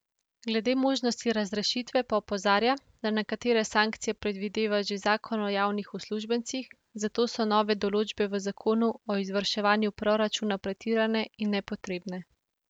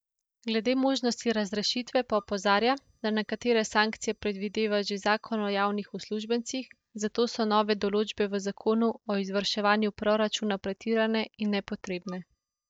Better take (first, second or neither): first